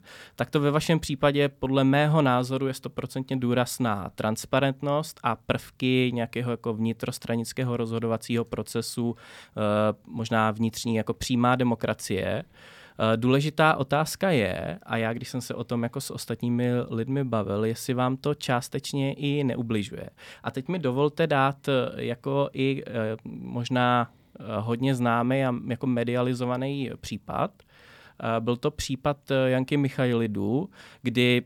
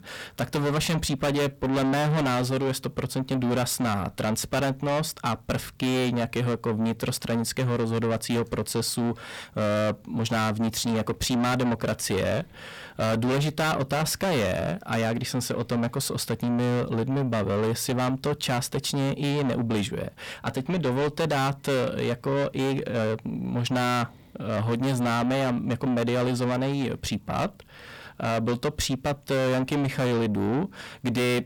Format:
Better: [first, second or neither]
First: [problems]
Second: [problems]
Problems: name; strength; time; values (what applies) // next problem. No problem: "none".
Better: first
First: none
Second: distortion; heavy; 6 dB below the speech